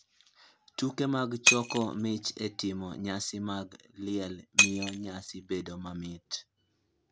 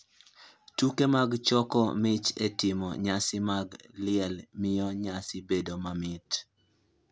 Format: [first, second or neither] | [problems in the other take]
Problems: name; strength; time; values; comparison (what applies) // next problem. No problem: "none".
second | background sound (Shatter); 1 dB above the speech